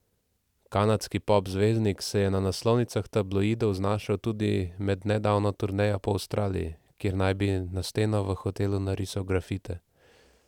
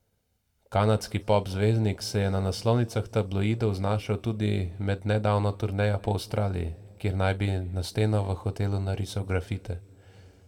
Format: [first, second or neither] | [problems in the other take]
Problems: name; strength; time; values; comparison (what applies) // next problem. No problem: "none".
first | room echo; dies away in 1.1 s